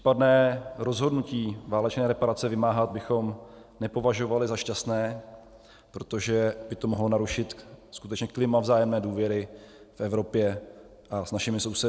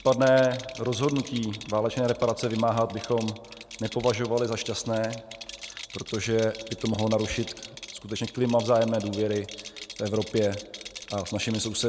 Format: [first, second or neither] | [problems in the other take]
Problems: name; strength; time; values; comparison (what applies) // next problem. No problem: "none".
first | background sound (Rattle); 15 dB below the speech